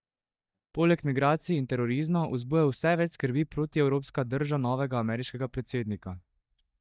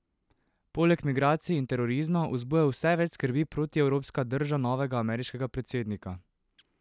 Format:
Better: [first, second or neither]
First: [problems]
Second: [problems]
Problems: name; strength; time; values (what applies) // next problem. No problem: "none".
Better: second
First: noise reduction (neural mask model DeepFilterNet 3)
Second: none